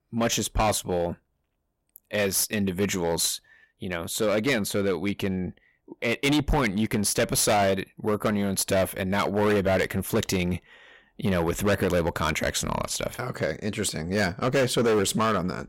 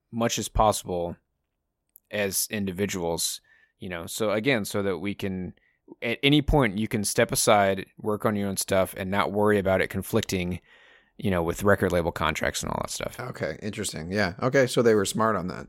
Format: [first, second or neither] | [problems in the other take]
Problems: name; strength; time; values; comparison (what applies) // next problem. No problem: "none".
second | distortion; heavy; 10% of the sound clipped